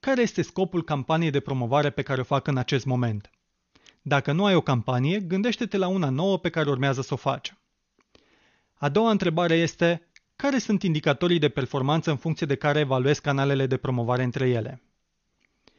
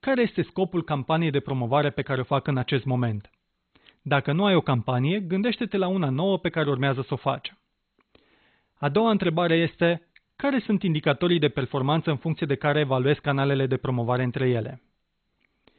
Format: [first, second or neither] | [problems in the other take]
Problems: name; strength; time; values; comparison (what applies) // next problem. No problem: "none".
first | garbled, watery; badly; nothing above 4 kHz; slightly in the first